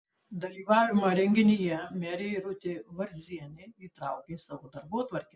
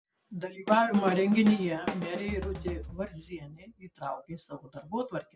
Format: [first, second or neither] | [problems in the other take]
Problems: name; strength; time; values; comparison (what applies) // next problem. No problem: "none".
first | background sound (Drum kit); 8 dB below the speech